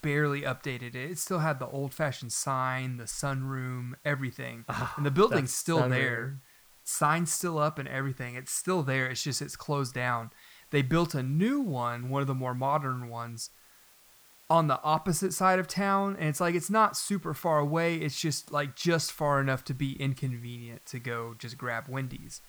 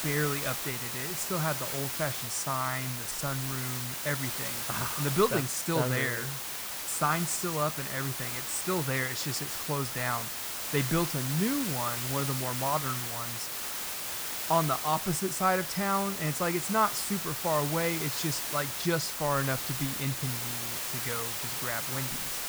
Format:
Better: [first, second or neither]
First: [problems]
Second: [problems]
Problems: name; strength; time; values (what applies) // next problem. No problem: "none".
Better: first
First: hiss; faint; throughout; 25 dB below the speech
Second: hiss; loud; throughout; 1 dB below the speech